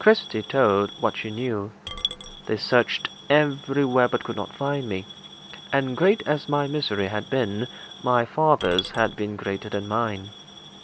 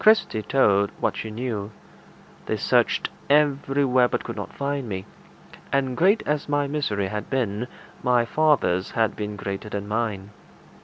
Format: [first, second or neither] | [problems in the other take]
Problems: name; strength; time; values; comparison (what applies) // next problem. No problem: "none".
second | background sound (Coin (dropping) / Glass); 15 dB below the speech